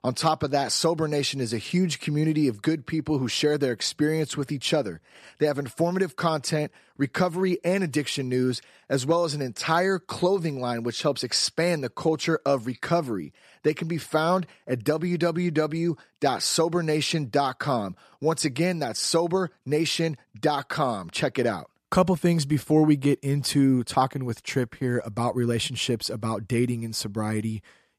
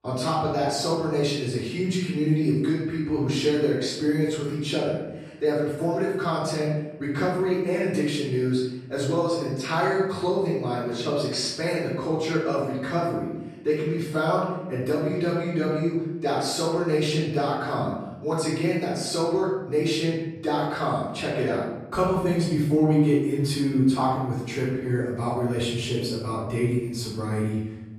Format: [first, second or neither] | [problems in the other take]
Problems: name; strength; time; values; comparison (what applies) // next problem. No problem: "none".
first | off-mic speech; far // room echo; noticeable; dies away in 1 s